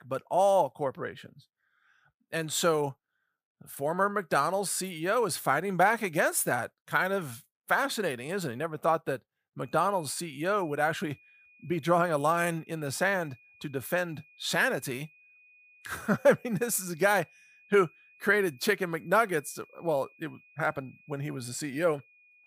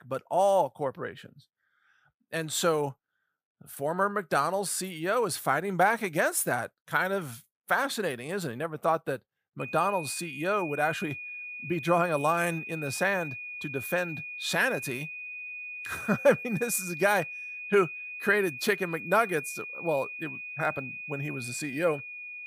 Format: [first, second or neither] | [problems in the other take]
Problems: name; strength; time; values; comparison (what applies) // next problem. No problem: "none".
first | high-pitched whine; loud; from 9.5 s on; 2.5 kHz, 9 dB below the speech; faint in the first